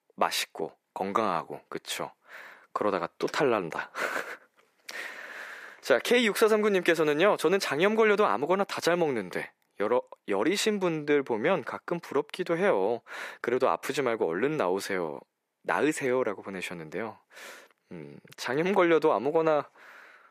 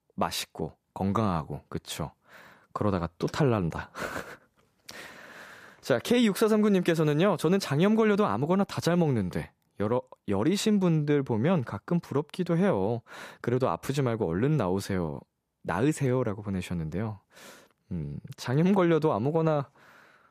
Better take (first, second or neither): second